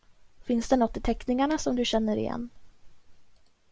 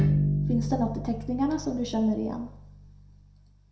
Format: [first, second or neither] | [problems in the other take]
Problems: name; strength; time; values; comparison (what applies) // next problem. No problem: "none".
first | background sound (Bowed string instrument); as loud as the speech // room echo; dies away in 0.6 s